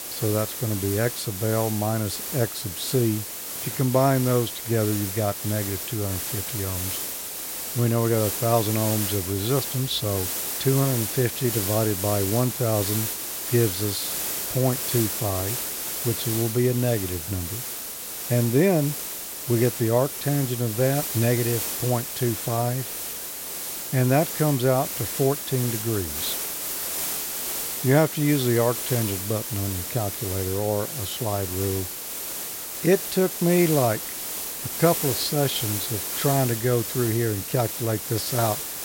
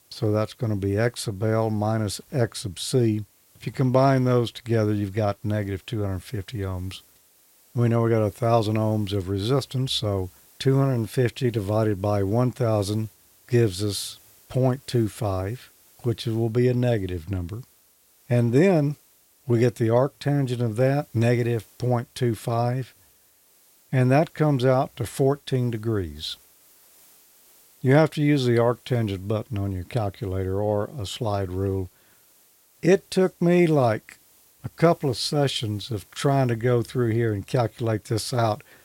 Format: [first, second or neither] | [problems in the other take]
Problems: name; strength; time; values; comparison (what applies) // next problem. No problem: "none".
second | hiss; loud; throughout; 3 dB below the speech; faint in the second